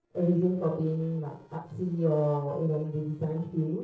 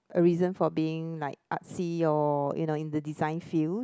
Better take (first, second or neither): second